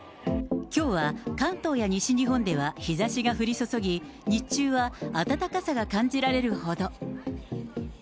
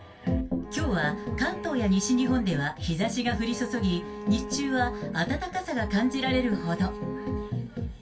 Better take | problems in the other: first | background sound (Bowed string instrument); 11 dB below the speech // room echo; dies away in 0.2 s

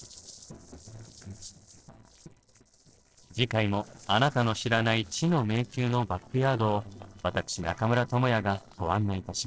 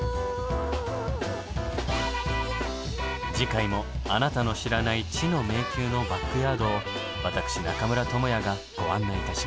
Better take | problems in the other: second | noise reduction (neural separator model SepFormer DNS4)

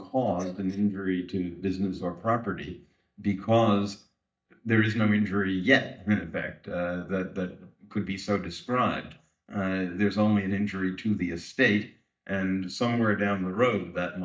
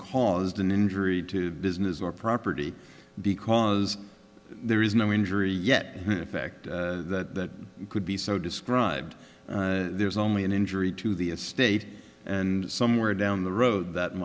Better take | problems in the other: second | noise reduction (neural mask model DeepFilterNet 3)

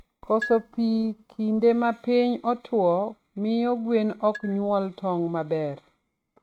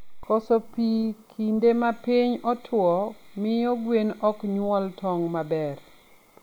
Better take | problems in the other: second | noise reduction (neural mask model RNNoise)

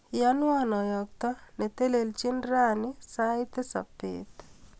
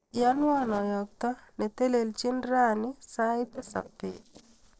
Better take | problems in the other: first | noise reduction (neural separator model SepFormer DNS4)

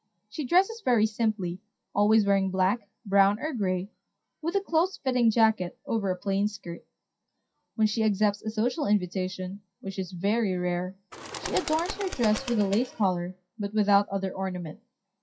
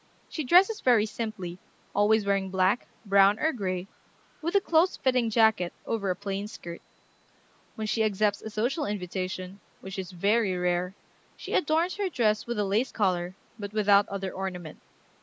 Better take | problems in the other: second | noise reduction (classical method WPE with log-MMSE)

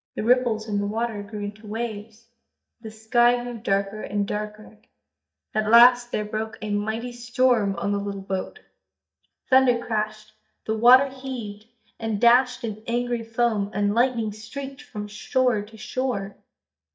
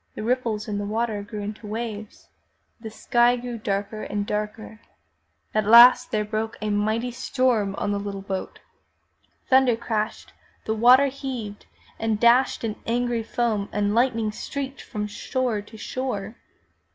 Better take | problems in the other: second | noise reduction (neural mask model DeepFilterNet 3)

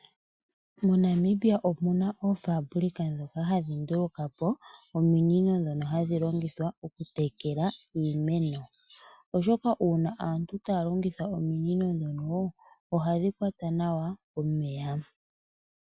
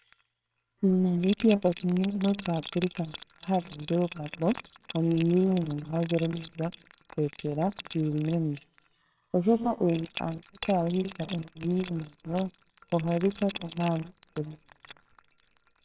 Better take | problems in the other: first | noise reduction (neural separator model SepFormer WHAMR!)

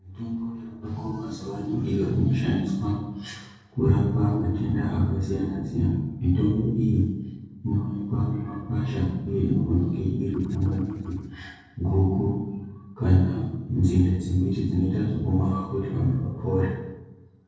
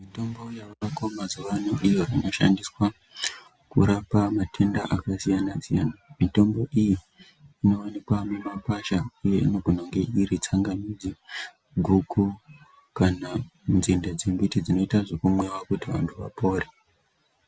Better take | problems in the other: second | noise reduction (neural separator model SepFormer DNS4)

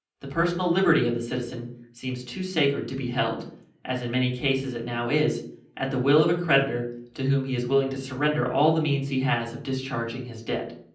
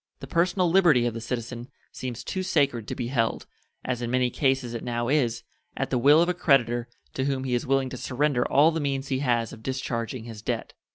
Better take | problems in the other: second | room echo; dies away in 0.6 s

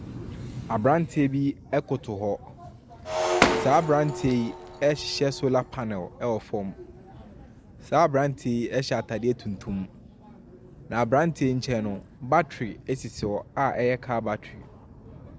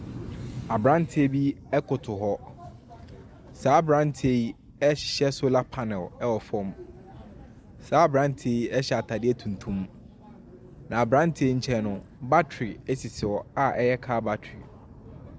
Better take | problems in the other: second | background sound (Shatter); 2 dB below the speech

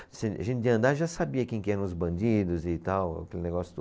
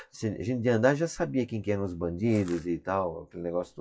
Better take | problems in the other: first | noise reduction (classical method WPE with log-MMSE)

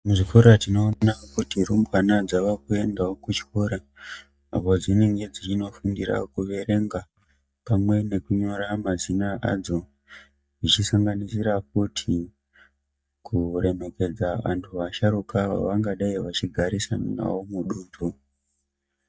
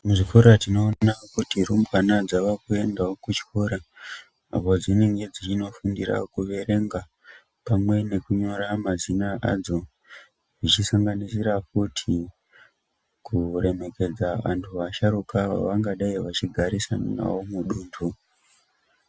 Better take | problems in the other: second | noise reduction (neural mask model DeepFilterNet 3)

